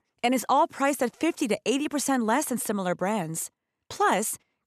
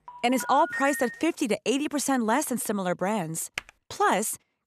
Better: first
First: none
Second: phone ringing; noticeable; until 1 s; peak 5 dB below the speech // keyboard typing; very faint; at 3.5 s; peak 10 dB below the speech

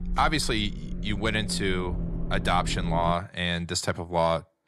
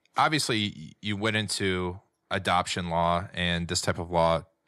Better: second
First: low rumble; noticeable; until 3 s; 15 dB below the speech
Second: none

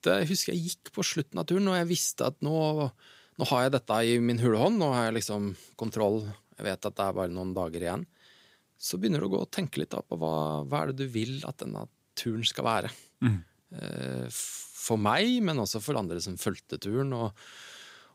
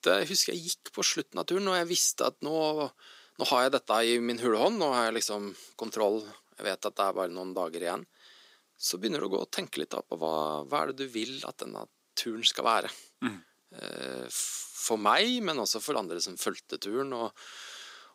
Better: first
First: none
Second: thin; somewhat; fading below 300 Hz

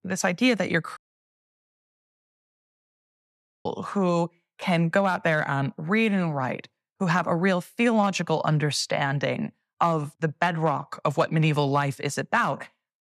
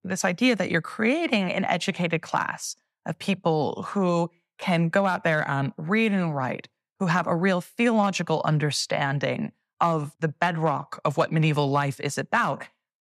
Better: second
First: audio cutting out; at 1 s for 2.5 s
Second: none

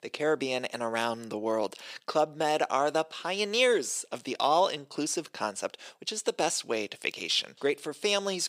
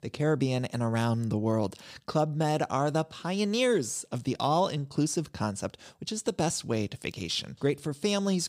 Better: second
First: thin; somewhat; fading below 450 Hz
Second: none

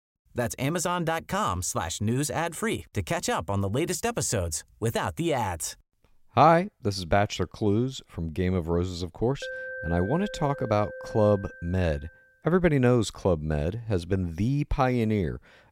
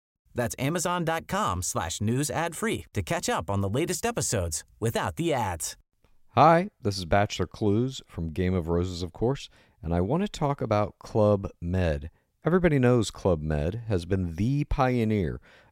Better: second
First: alarm; noticeable; from 9.5 to 12 s; peak 8 dB below the speech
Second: none

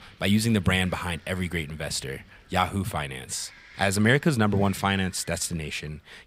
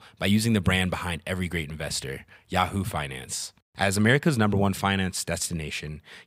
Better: second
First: wind noise on the microphone; occasional gusts; 20 dB below the speech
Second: none

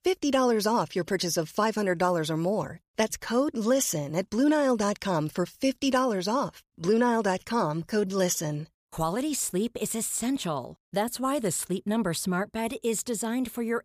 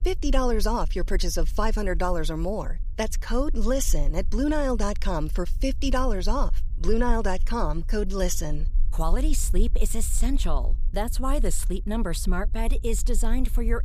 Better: first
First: none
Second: low rumble; faint; throughout; 25 dB below the speech

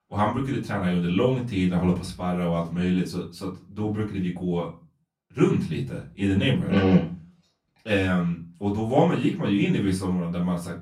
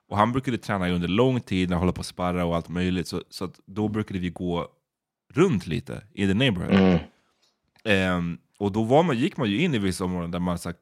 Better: second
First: off-mic speech; far // room echo; very slight; dies away in 0.3 s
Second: none

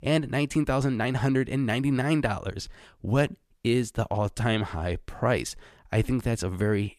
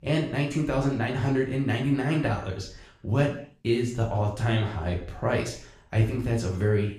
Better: first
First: none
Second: room echo; slight; dies away in 0.5 s // off-mic speech; far

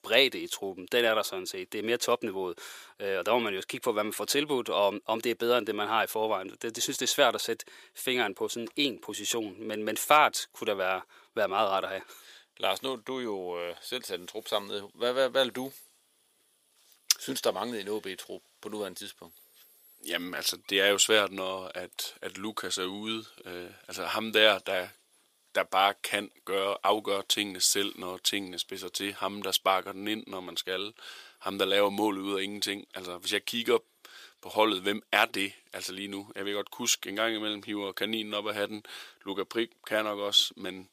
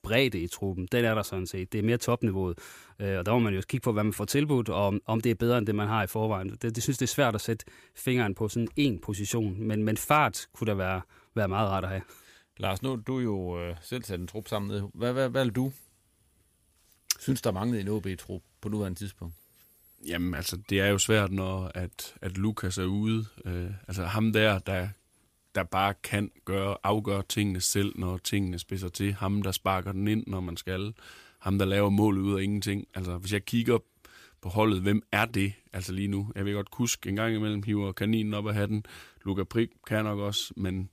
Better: second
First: thin; somewhat; fading below 500 Hz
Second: none

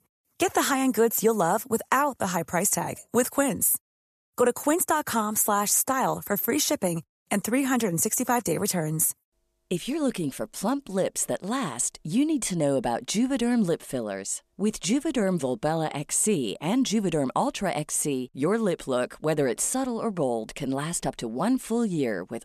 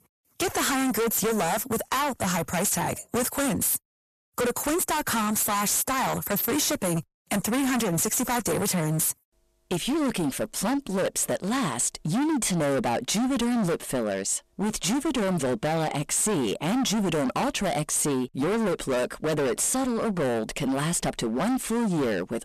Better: first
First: none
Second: distortion; heavy; 31% of the sound clipped

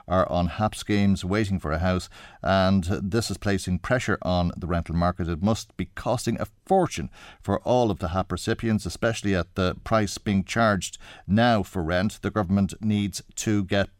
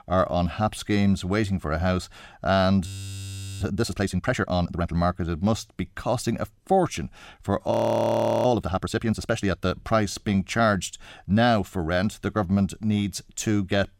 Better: first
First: none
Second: audio freezing; at 3 s for 1 s and at 7.5 s for 0.5 s

